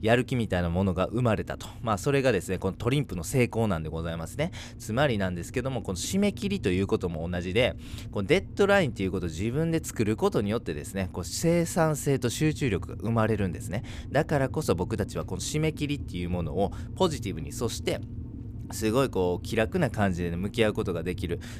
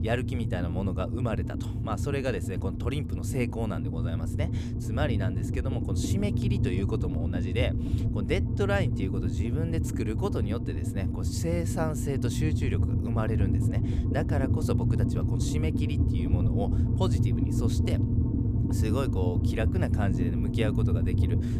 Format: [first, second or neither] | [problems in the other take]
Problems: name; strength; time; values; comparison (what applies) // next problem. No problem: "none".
first | low rumble; loud; throughout; 3 dB below the speech; faint in the first